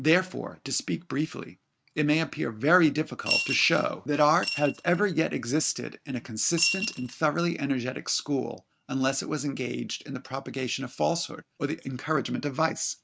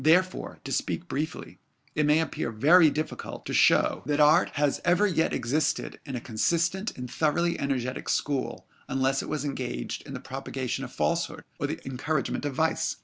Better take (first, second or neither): second